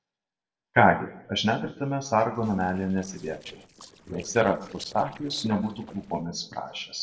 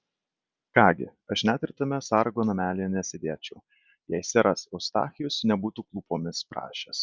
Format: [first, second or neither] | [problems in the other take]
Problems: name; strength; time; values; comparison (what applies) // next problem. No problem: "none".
second | noise reduction (neural separator model SepFormer DNS4)